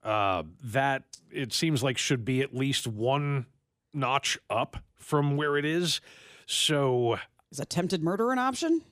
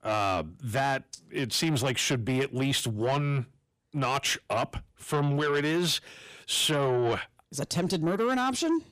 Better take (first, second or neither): first